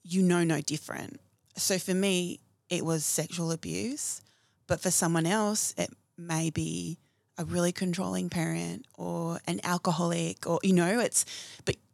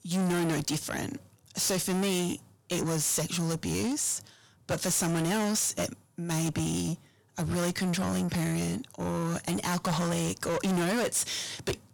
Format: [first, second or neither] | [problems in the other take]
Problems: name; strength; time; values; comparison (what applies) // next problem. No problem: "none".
first | distortion; heavy; 5 dB below the speech